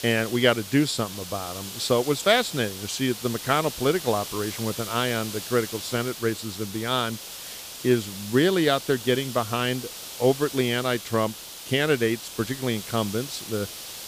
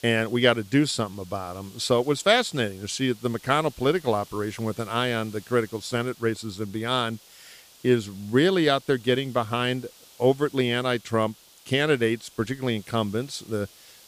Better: second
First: hiss; loud; throughout; 10 dB below the speech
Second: hiss; faint; throughout; 25 dB below the speech

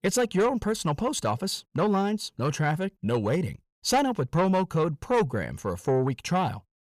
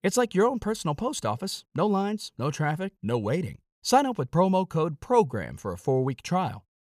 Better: second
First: distortion; slight; 10 dB below the speech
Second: none

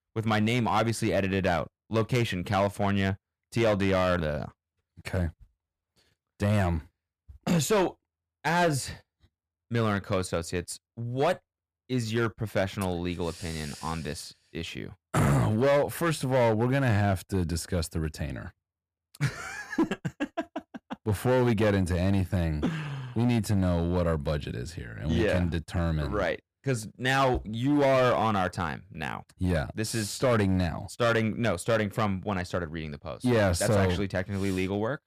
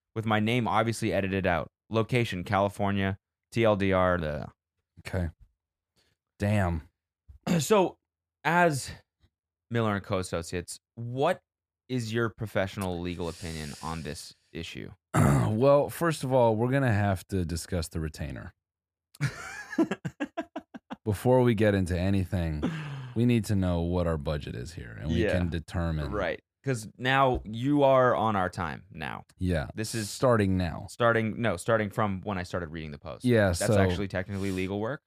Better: second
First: distortion; slight; 6% of the sound clipped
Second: none

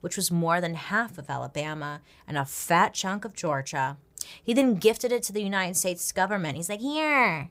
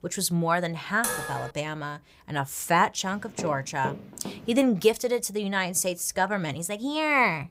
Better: first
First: none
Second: clattering dishes; noticeable; at 1 s; peak 3 dB below the speech // footsteps; faint; from 3 to 4.5 s; peak 10 dB below the speech

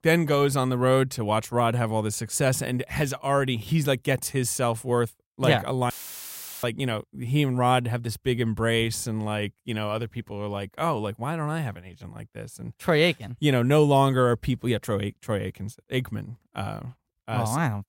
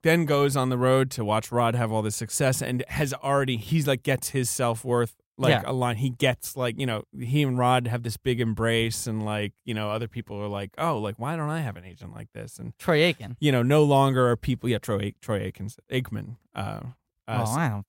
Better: second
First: audio cutting out; filled with static; at 6 s for 0.5 s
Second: none

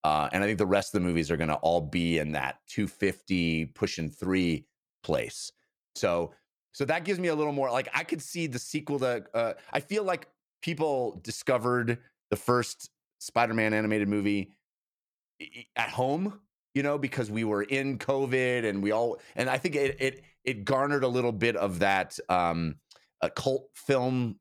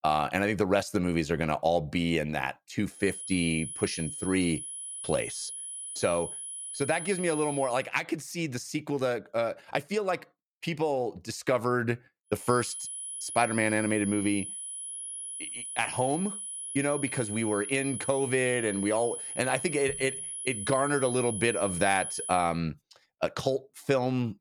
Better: first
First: none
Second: high-pitched whine; loud; from 3 to 7.5 s and from 12 to 22 s; 10 kHz, 6 dB below the speech

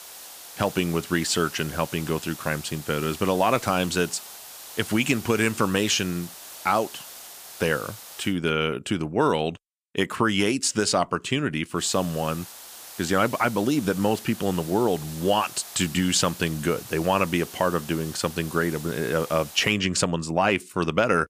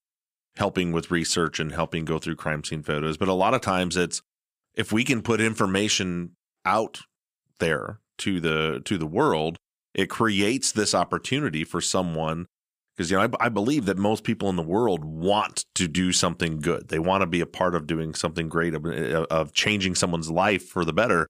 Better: second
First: hiss; noticeable; until 8.5 s and from 12 to 20 s; 15 dB below the speech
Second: none

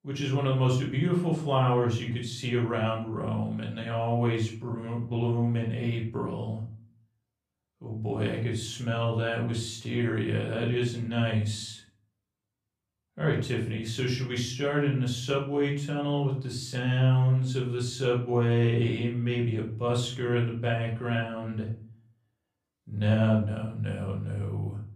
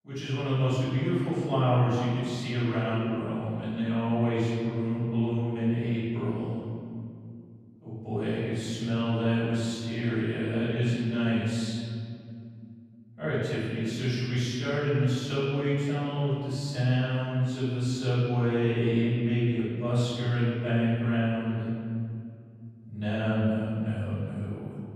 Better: first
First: room echo; slight; dies away in 0.4 s // off-mic speech; far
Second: room echo; strong; dies away in 2.3 s // off-mic speech; far

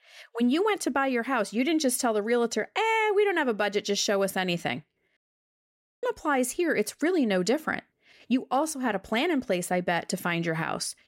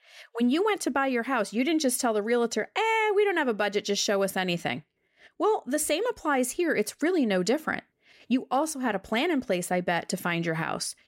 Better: second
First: audio cutting out; at 5 s for 1 s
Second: none

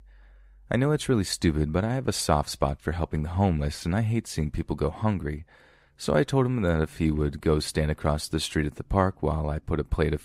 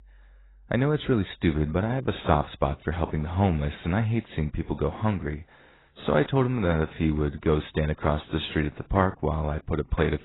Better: first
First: none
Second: garbled, watery; badly; nothing above 4 kHz

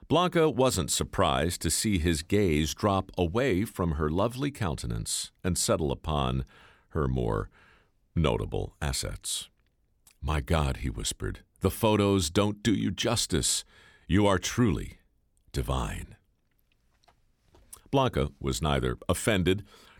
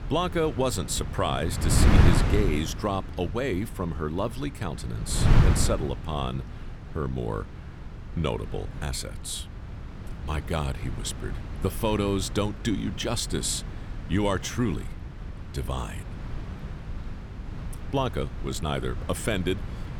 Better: first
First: none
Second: wind noise on the microphone; heavy; 8 dB below the speech

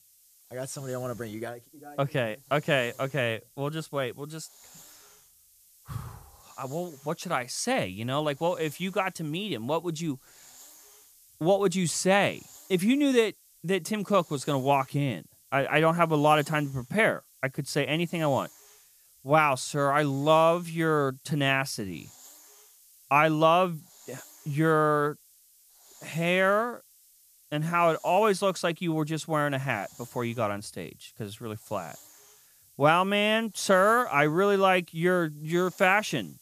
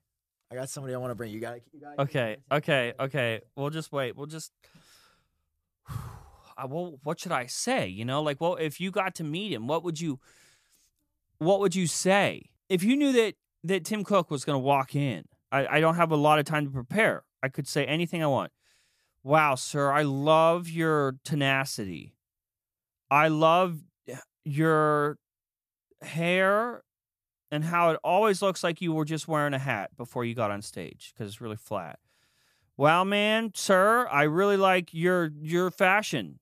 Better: second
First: hiss; faint; throughout; 25 dB below the speech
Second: none

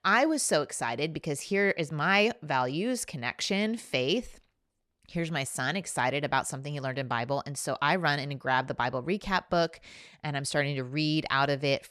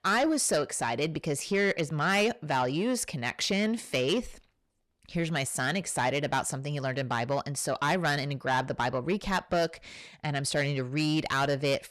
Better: first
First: none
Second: distortion; slight; 10 dB below the speech

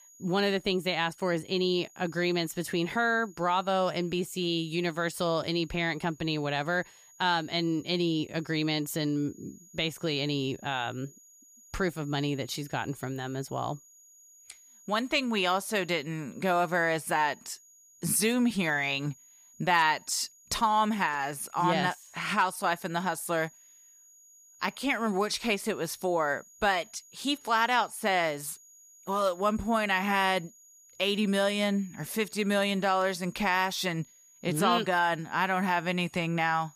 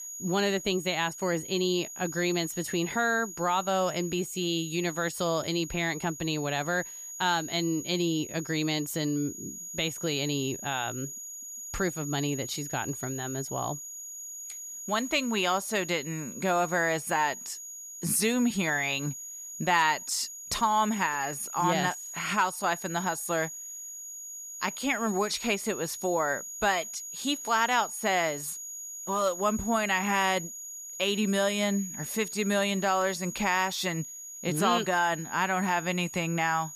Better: first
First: high-pitched whine; faint; throughout; 6.5 kHz, 25 dB below the speech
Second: high-pitched whine; loud; throughout; 6.5 kHz, 9 dB below the speech

